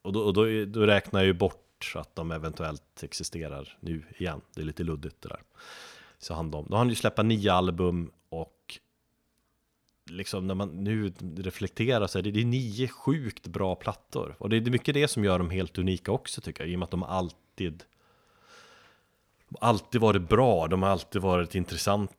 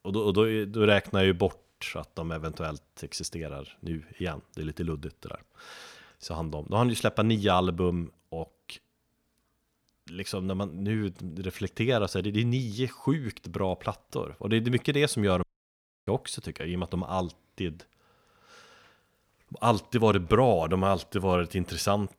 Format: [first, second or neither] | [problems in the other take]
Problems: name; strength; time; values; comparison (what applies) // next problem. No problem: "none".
first | audio cutting out; at 15 s for 0.5 s